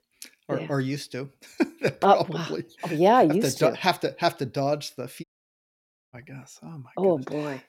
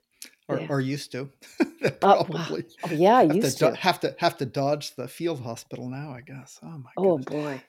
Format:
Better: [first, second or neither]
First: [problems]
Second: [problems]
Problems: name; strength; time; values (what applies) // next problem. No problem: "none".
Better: second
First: audio cutting out; at 5 s for 1 s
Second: none